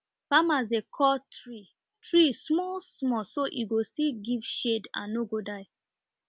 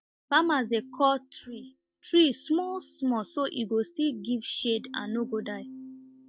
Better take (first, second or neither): first